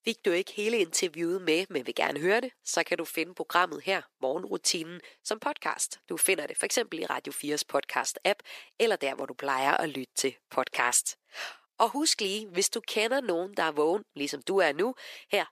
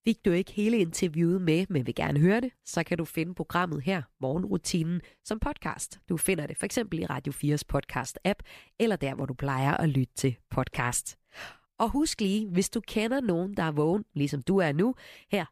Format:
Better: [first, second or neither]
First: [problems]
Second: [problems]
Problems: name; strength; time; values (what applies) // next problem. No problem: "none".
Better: second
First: thin; very; fading below 400 Hz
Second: none